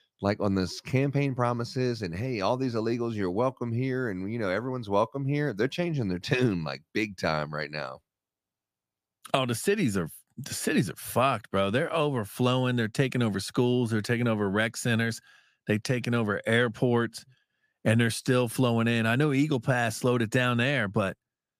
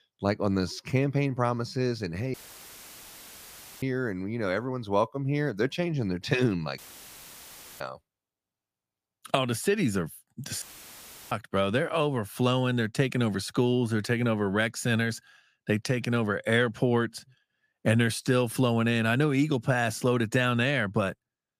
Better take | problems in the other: first | audio cutting out; filled with static; at 2.5 s for 1.5 s, at 7 s for 1 s and at 11 s for 0.5 s

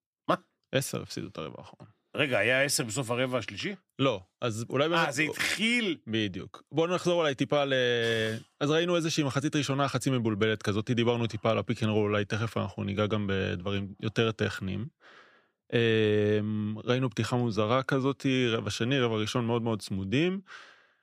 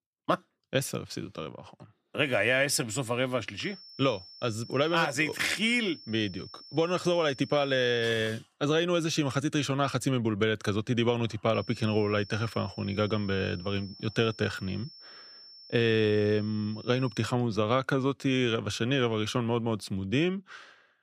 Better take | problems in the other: first | high-pitched whine; noticeable; from 3.5 to 8 s and from 12 to 17 s; 5.5 kHz, 20 dB below the speech

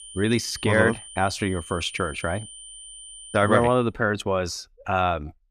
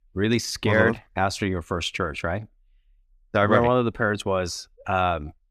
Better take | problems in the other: second | high-pitched whine; noticeable; until 3.5 s; 9 kHz, 15 dB below the speech

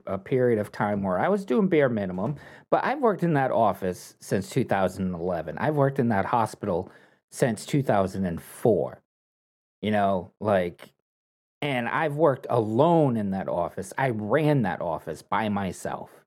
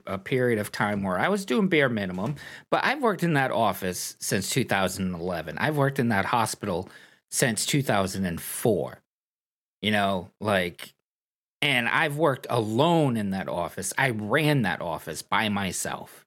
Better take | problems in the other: second | muffled; slightly; fading above 1.5 kHz

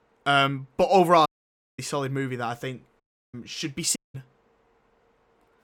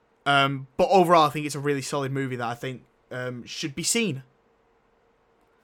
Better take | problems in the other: second | audio cutting out; at 1.5 s for 0.5 s, at 3 s and at 4 s

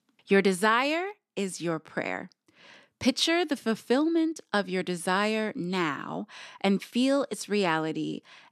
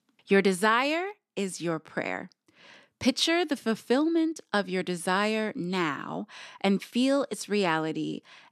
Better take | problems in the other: neither | none

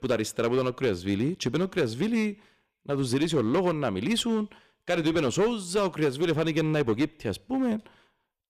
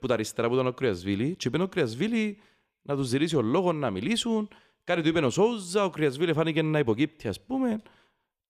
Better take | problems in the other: second | distortion; slight; 7% of the sound clipped

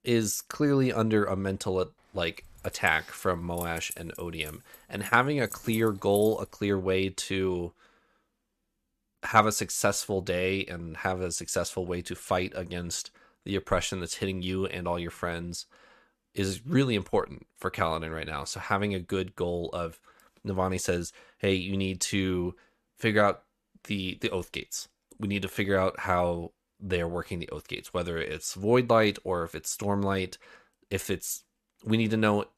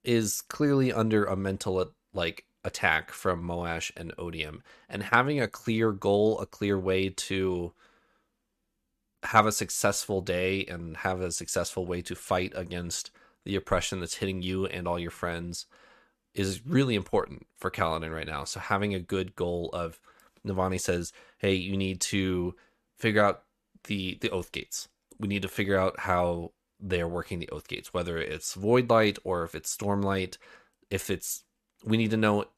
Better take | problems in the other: second | jangling keys; faint; from 2.5 to 6.5 s; peak 10 dB below the speech

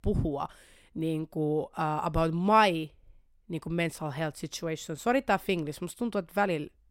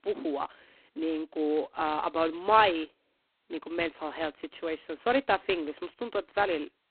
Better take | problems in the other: first | phone-call audio; poor line; nothing above 4 kHz

